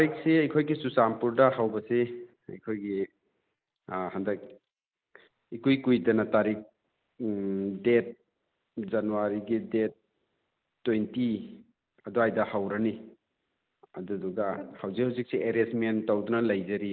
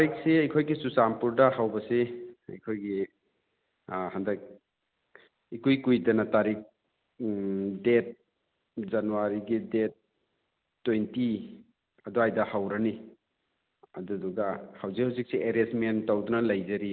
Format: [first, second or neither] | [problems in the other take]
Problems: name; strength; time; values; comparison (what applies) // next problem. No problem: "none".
second | noise reduction (neural mask model Resemble Enhance denoiser)